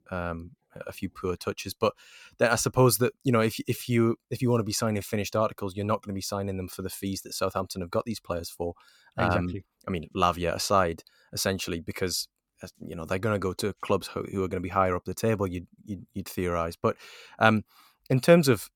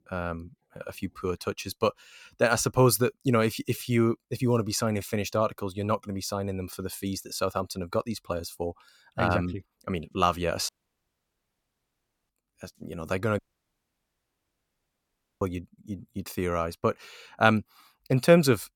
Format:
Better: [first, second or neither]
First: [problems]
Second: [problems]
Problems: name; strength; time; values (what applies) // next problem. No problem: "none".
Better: first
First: none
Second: audio cutting out; at 11 s for 1.5 s and at 13 s for 2 s